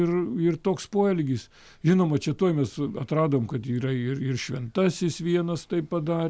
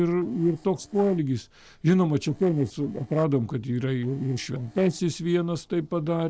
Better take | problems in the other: first | noise reduction (neural separator model SepFormer DNS4)

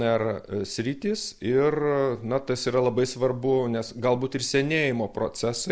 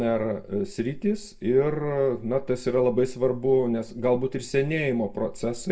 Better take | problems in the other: first | room echo; dies away in 0.1 s

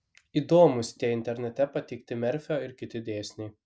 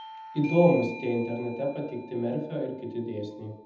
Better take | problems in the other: first | background sound (Bell / Doorbell); 16 dB below the speech // room echo; dies away in 0.8 s

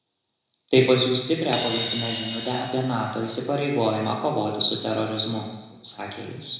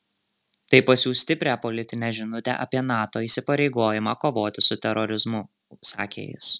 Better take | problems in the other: second | background sound (Crash cymbal); 9 dB below the speech // room echo; dies away in 1 s

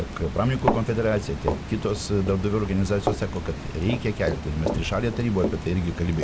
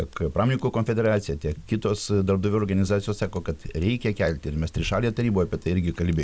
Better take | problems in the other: second | background sound (Water + Run); 5 dB below the speech

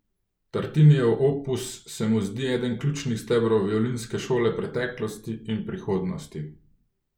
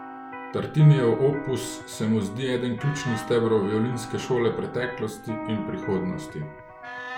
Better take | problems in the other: first | background sound (Wind instrument, woodwind instrument + Electric guitar); 12 dB below the speech

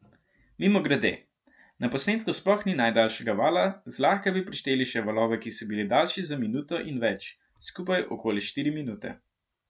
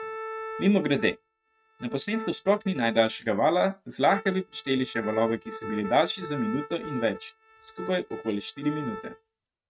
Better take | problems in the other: first | noise reduction (neural mask model RNNoise)

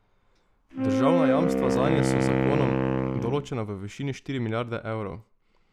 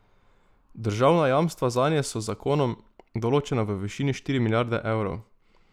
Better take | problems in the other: second | background sound (Wind instrument, woodwind instrument); 5 dB above the speech

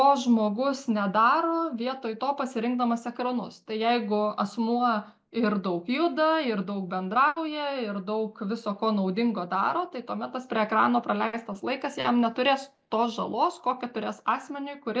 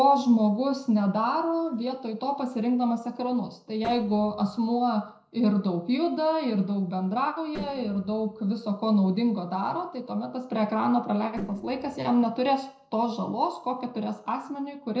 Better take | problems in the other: first | noise reduction (neural separator model SepFormer DNS4)

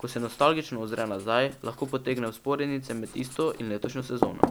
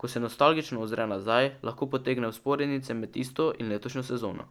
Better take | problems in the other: second | background sound (Writing); 6 dB below the speech

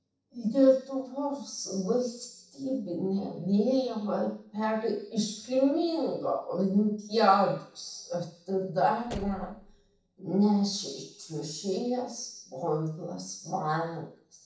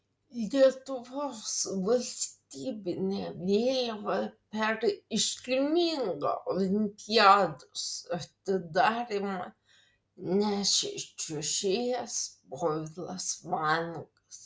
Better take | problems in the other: second | noise reduction (neural separator model SepFormer DNS4)

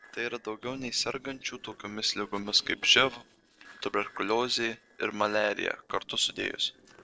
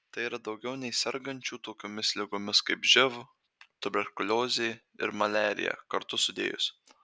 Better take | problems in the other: second | noise reduction (neural separator model SepFormer DNS4)

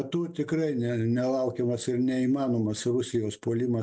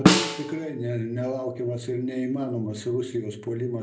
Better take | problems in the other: first | background sound (Snare drum); 4 dB above the speech // room echo; dies away in 0.5 s

